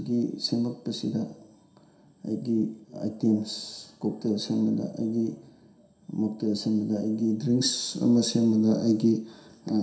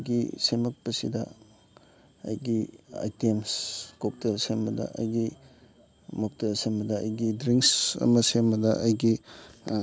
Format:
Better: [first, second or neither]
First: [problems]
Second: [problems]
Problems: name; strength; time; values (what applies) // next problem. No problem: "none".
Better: second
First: room echo; dies away in 0.7 s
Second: none